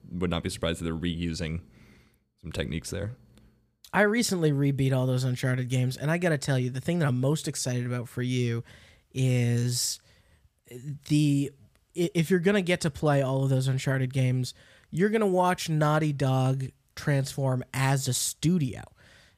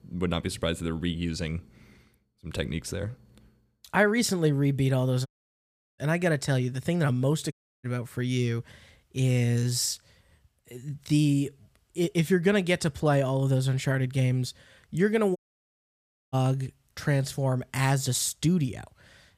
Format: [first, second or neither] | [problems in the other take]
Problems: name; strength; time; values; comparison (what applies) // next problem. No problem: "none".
first | audio cutting out; at 5.5 s for 0.5 s, at 7.5 s and at 15 s for 1 s